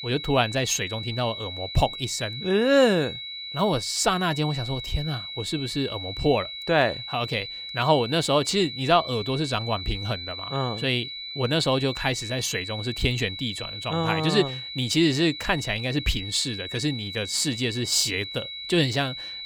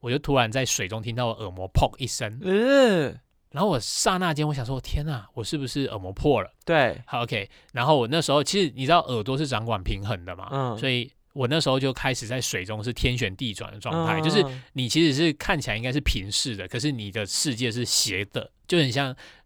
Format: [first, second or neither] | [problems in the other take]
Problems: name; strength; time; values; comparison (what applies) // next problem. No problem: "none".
second | high-pitched whine; loud; throughout; 4 kHz, 8 dB below the speech